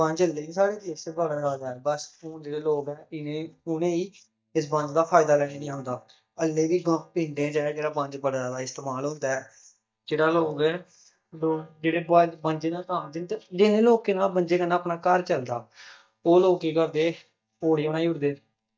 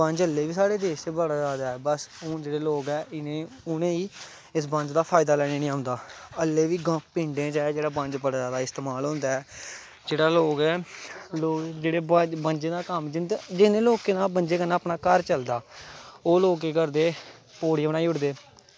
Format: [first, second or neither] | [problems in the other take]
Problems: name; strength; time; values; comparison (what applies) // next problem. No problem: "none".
second | noise reduction (neural mask model DeepFilterNet 3)